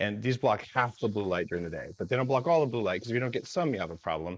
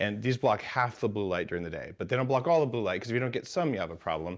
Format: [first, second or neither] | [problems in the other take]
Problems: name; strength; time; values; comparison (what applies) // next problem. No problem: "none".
second | noise reduction (neural mask model Resemble Enhance denoiser)